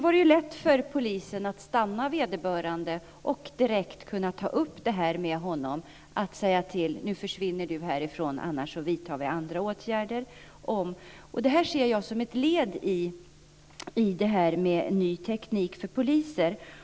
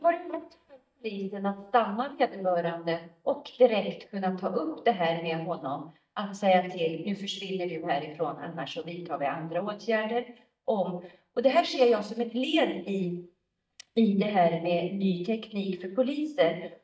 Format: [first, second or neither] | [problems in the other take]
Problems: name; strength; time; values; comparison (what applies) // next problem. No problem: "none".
first | noise reduction (neural mask model DeepFilterNet 3)